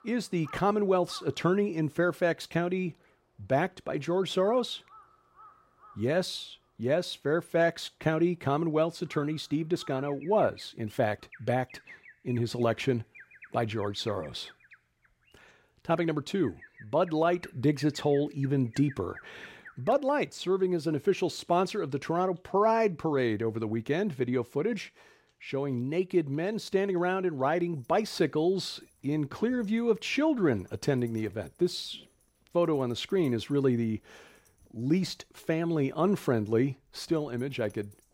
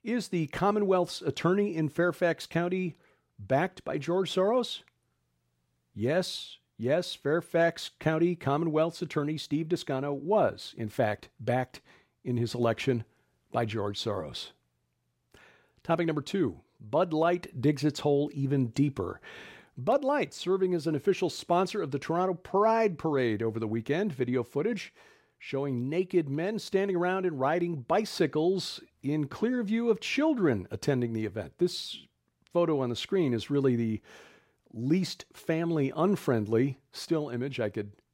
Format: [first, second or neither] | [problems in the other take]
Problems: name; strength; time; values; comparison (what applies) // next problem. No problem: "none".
second | animal sounds; faint; throughout; 25 dB below the speech